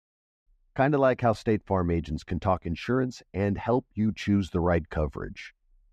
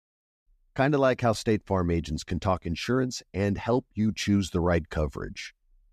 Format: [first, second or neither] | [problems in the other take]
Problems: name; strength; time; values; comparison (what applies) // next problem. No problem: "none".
second | muffled; slightly; fading above 3.5 kHz